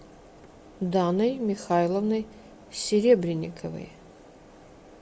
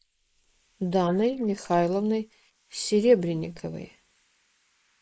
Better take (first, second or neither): first